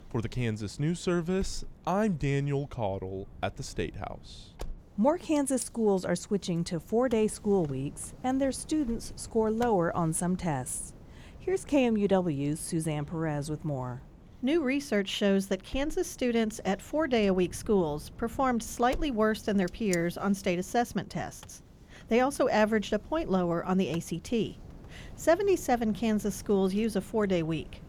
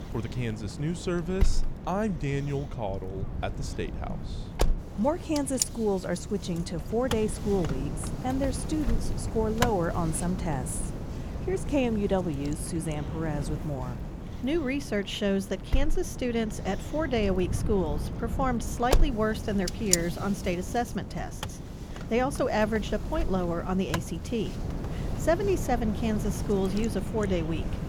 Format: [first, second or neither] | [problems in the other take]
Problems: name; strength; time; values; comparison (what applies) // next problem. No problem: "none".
first | wind noise on the microphone; heavy; 8 dB below the speech; occasional gusts in the first